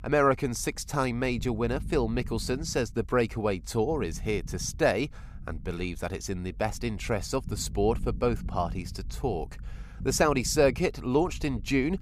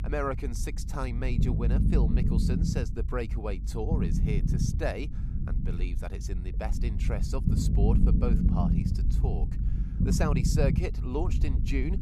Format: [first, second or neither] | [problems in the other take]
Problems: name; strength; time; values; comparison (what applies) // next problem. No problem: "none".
first | low rumble; loud; throughout; 3 dB below the speech; faint in the first